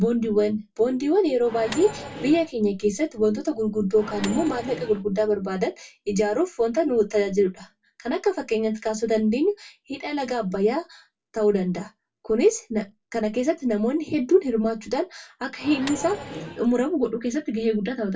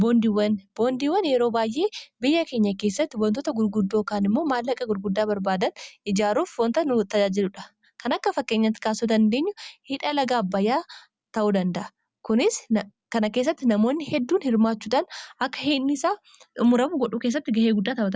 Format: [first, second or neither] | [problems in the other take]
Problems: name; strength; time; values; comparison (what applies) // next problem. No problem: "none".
second | background sound (Microwave oven); 11 dB below the speech // room echo; dies away in 0.2 s